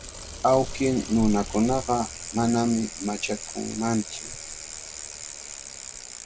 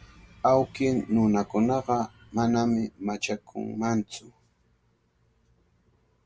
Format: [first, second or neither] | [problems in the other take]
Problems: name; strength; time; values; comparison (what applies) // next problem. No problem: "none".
second | background sound (Bicycle); 9 dB below the speech